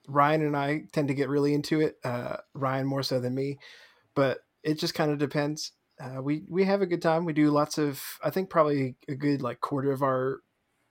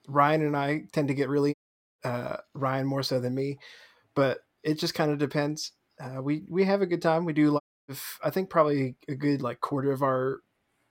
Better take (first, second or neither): first